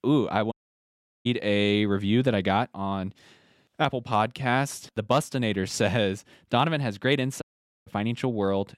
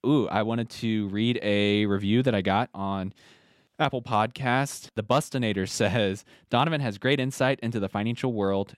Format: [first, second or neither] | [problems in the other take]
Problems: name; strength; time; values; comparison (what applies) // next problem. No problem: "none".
second | audio cutting out; at 0.5 s for 0.5 s and at 7.5 s